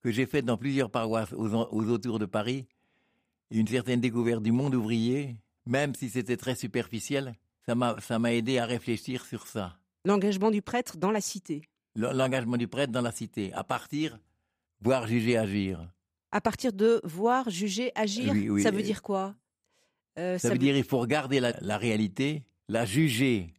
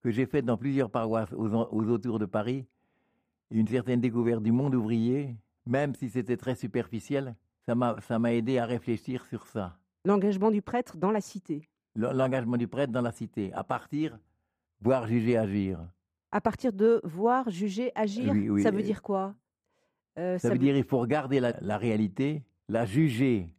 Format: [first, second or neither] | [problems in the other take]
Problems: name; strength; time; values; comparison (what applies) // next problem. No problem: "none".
first | muffled; slightly; fading above 2 kHz